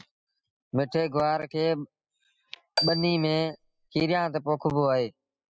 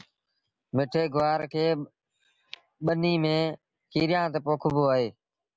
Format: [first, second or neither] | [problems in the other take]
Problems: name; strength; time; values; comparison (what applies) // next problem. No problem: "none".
second | noise reduction (classical method spectral subtraction)